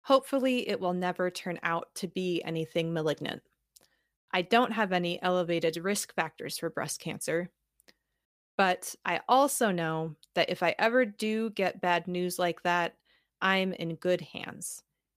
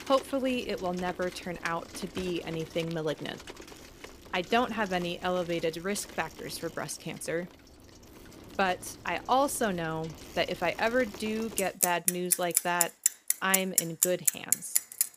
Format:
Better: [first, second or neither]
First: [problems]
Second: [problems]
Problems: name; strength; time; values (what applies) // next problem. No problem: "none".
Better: first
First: none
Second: traffic noise; very loud; throughout; 3 dB above the speech